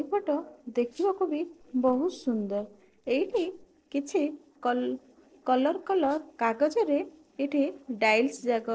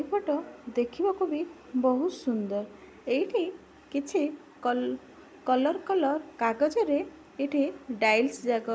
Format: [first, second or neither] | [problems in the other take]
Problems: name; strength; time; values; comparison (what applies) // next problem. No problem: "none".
second | noise reduction (neural separator model SepFormer DNS4)